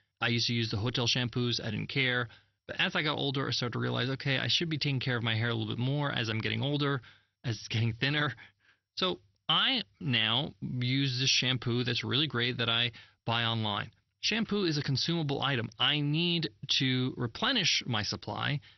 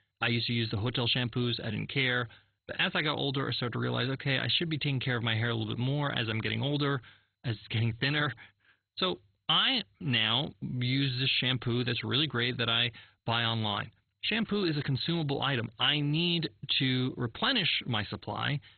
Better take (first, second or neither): first